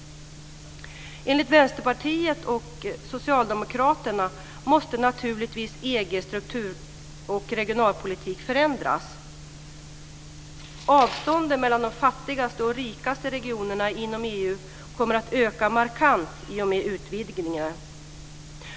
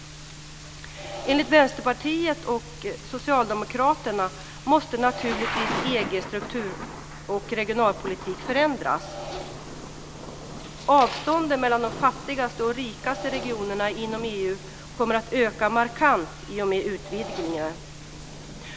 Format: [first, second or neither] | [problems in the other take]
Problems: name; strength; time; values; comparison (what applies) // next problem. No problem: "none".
first | background sound (Engine + Thunder / Rain); 12 dB below the speech